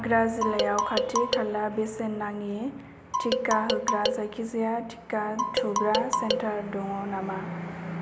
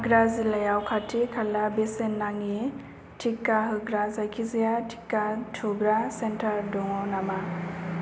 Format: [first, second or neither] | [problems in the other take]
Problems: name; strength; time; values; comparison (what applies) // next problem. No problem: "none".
second | background sound (Marimba, xylophone); as loud as the speech